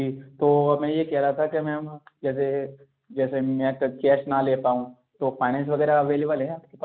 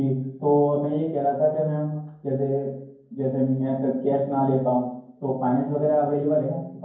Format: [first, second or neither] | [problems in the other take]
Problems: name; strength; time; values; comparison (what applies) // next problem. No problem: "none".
first | room echo; dies away in 0.9 s